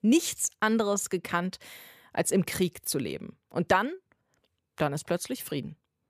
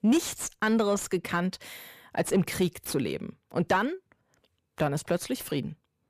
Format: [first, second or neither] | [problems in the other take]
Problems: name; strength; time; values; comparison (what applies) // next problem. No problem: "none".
first | distortion; slight; 10 dB below the speech